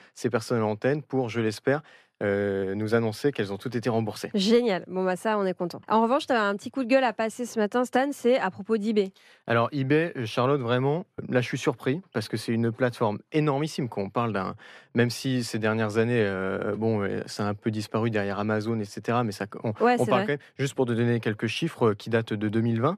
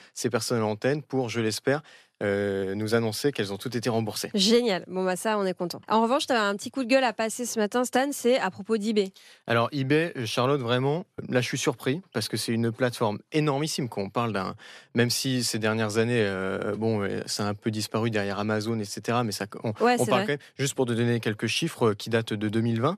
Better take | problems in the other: second | muffled; slightly; fading above 3 kHz

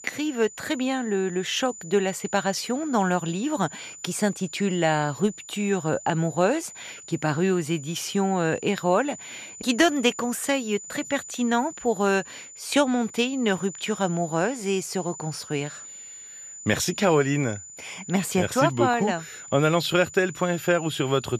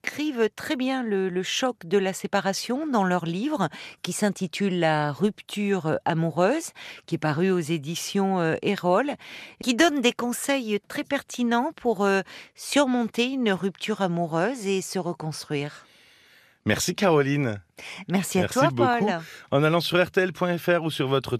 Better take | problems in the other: second | high-pitched whine; noticeable; throughout; 7 kHz, 15 dB below the speech

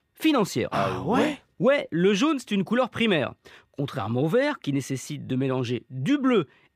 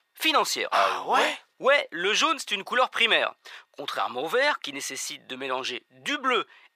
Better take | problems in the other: first | thin; very; fading below 900 Hz

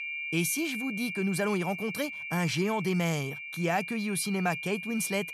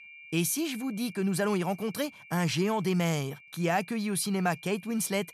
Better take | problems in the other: second | high-pitched whine; loud; throughout; 2.5 kHz, 6 dB below the speech; faint in the second

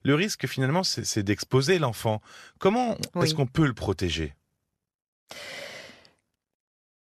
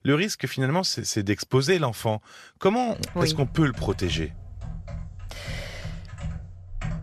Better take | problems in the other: first | keyboard typing; noticeable; from 3 s on; peak 9 dB below the speech

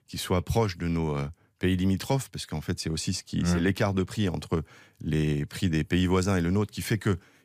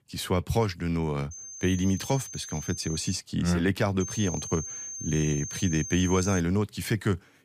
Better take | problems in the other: first | high-pitched whine; loud; from 1.5 to 3 s and from 4 to 6.5 s; 6.5 kHz, 8 dB below the speech

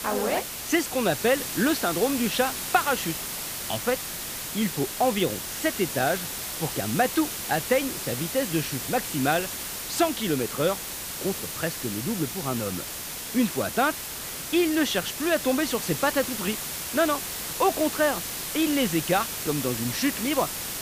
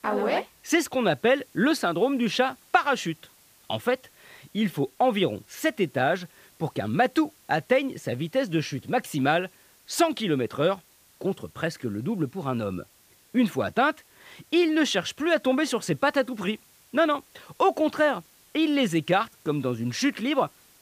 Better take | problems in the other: second | hiss; loud; throughout; 4 dB below the speech; faint in the second

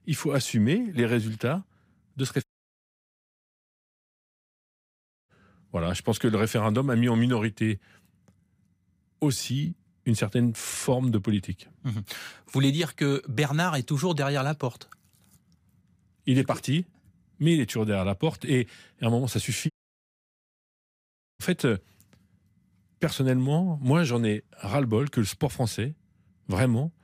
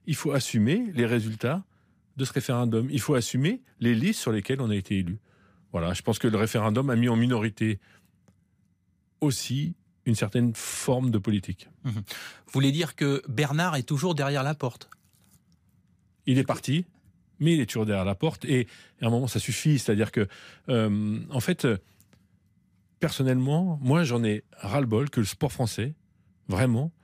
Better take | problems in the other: second | audio cutting out; at 2.5 s for 3 s and at 20 s for 1.5 s

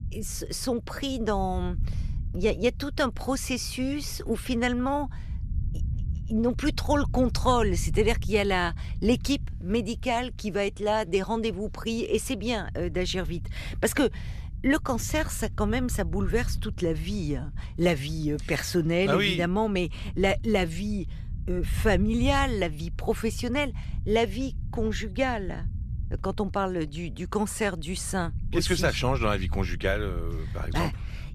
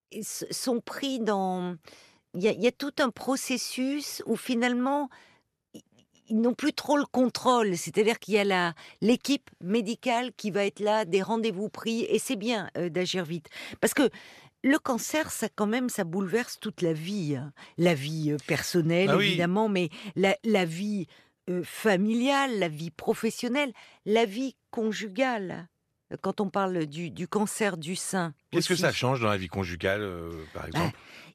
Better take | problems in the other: second | low rumble; faint; throughout; 25 dB below the speech

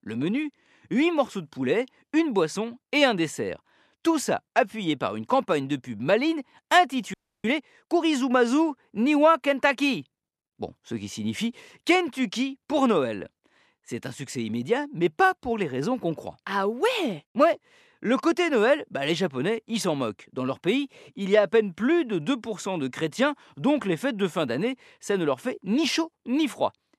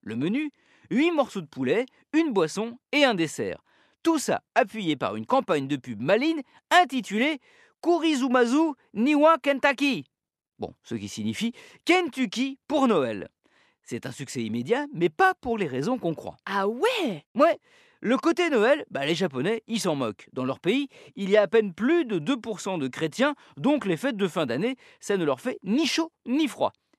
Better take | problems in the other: second | audio freezing; at 7 s

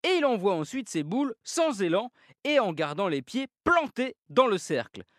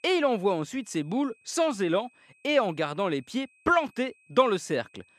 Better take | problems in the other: first | high-pitched whine; faint; throughout; 2.5 kHz, 35 dB below the speech

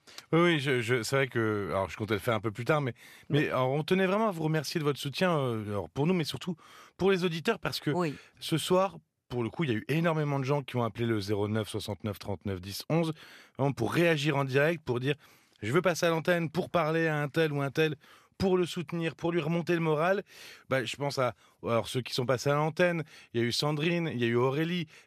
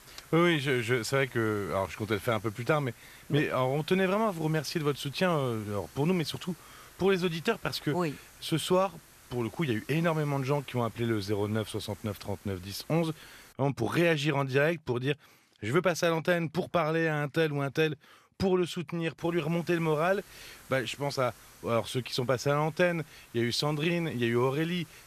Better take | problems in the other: first | hiss; faint; until 14 s and from 19 s on; 25 dB below the speech

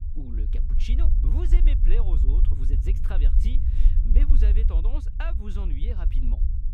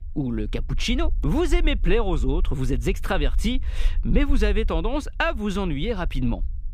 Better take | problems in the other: second | low rumble; loud; throughout; 3 dB below the speech; faint in the second

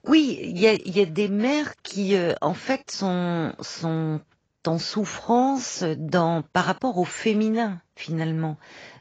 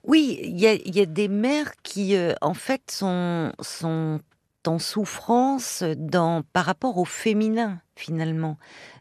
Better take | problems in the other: second | garbled, watery; badly; nothing above 7.5 kHz

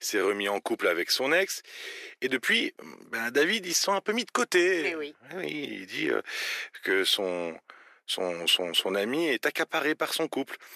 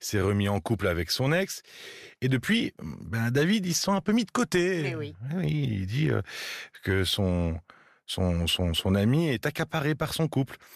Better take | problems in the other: second | thin; very; fading below 350 Hz

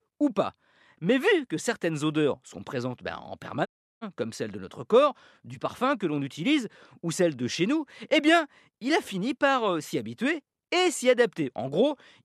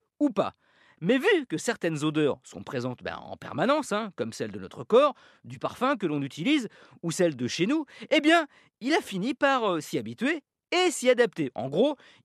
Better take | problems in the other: second | audio cutting out; at 3.5 s

